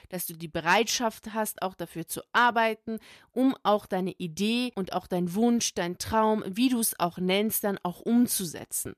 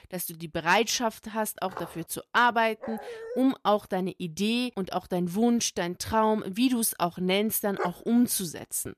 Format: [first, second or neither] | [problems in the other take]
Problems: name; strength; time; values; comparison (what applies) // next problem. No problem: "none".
first | footsteps; faint; at 1.5 s; peak 15 dB below the speech // dog barking; faint; at 3 s; peak 10 dB below the speech // dog barking; noticeable; at 8 s; peak 8 dB below the speech